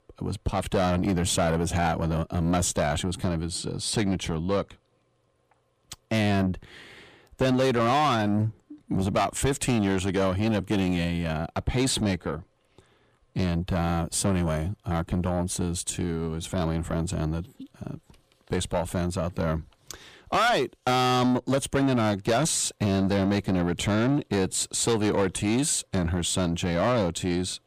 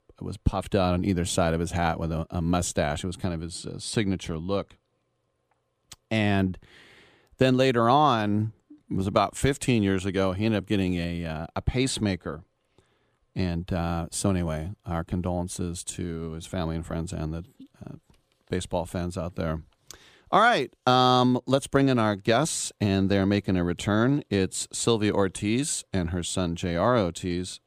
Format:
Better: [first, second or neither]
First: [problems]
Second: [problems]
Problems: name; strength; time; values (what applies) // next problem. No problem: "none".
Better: second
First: distortion; heavy; 7 dB below the speech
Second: none